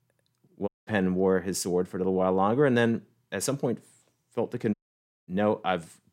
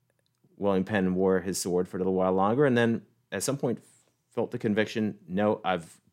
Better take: second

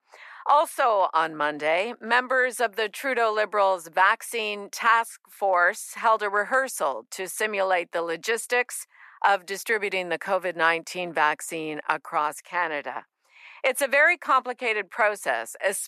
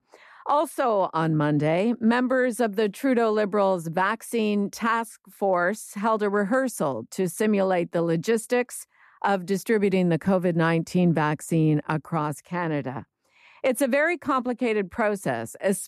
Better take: second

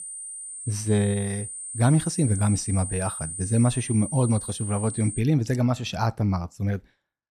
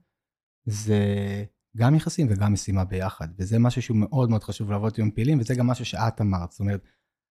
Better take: second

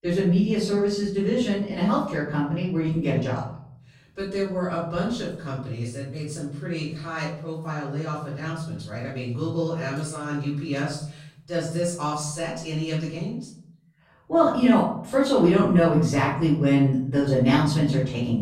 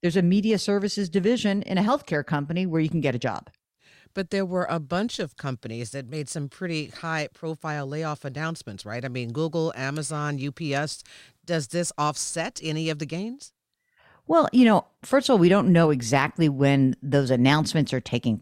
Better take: second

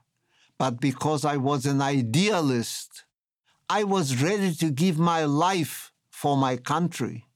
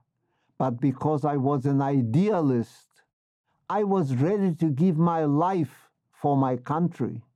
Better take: first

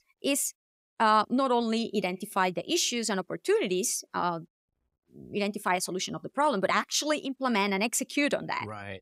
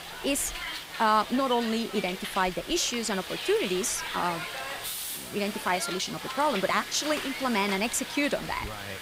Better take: first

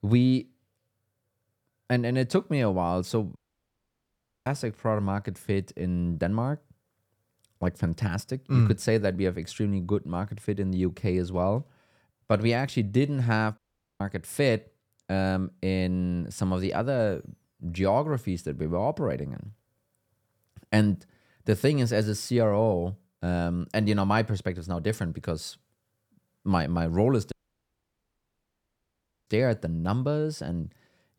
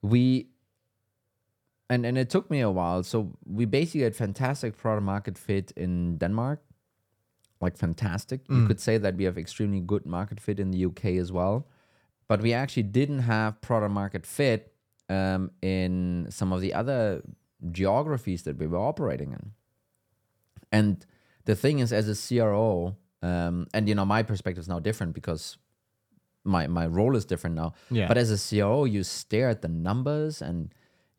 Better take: second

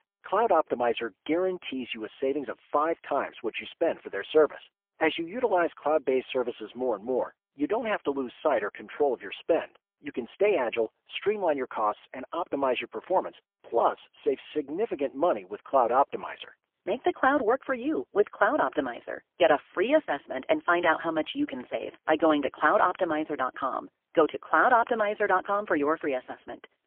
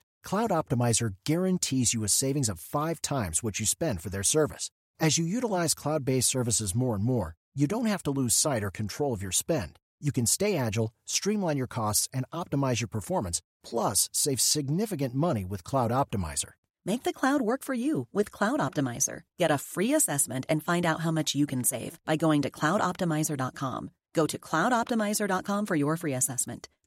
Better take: second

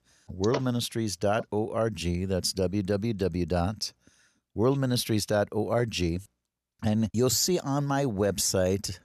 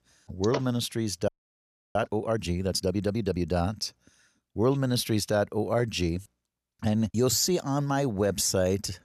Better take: first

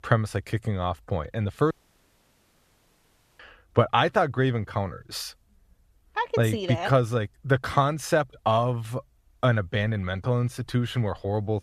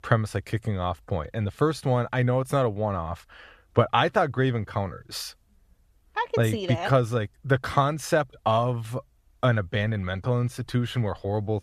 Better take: second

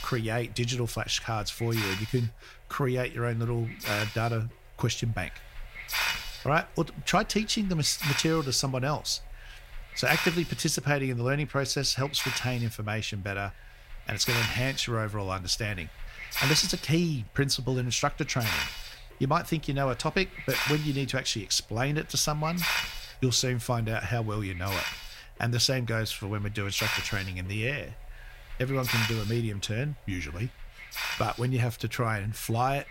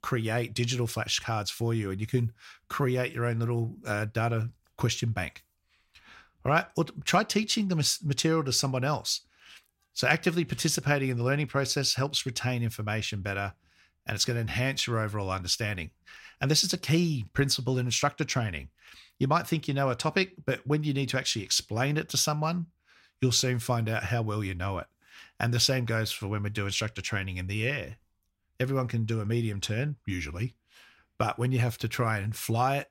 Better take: second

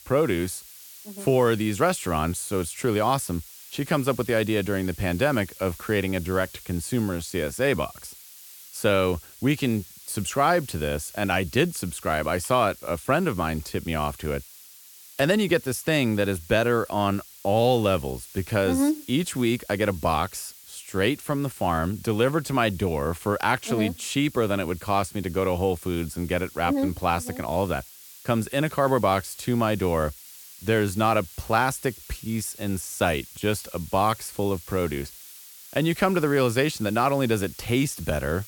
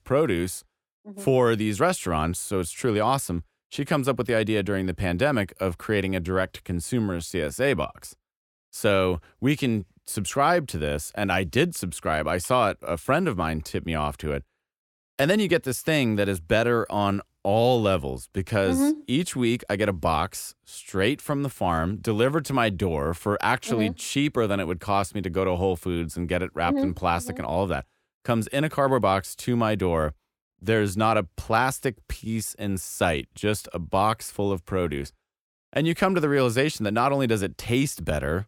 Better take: second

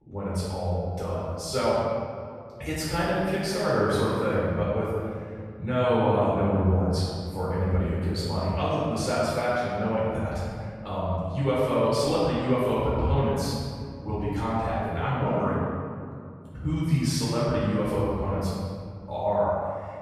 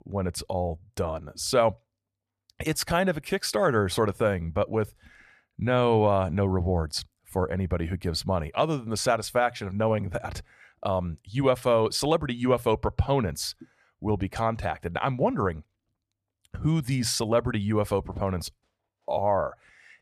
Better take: second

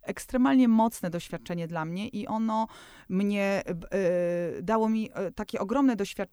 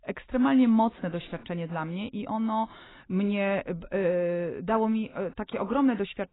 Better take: first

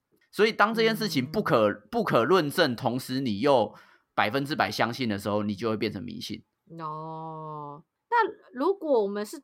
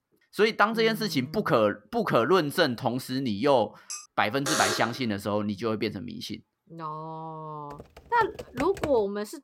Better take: first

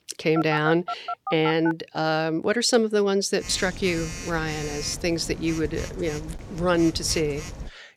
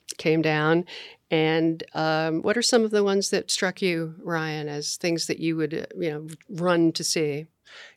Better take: second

